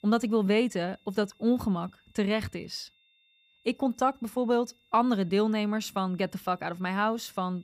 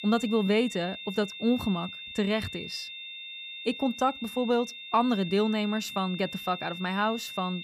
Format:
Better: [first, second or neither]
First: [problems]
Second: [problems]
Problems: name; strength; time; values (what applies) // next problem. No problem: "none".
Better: first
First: high-pitched whine; faint; throughout; 3.5 kHz, 35 dB below the speech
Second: high-pitched whine; loud; throughout; 3.5 kHz, 9 dB below the speech